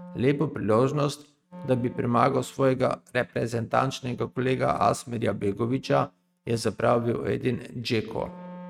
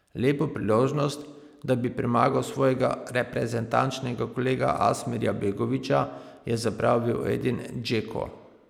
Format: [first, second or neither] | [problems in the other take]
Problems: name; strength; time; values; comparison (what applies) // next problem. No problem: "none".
second | noise reduction (neural mask model RNNoise)